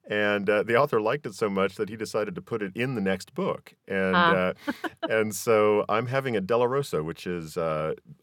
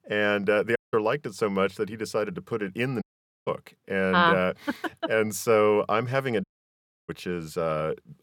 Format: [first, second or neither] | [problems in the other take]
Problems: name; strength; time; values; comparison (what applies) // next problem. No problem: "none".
first | audio cutting out; at 1 s, at 3 s and at 6.5 s for 0.5 s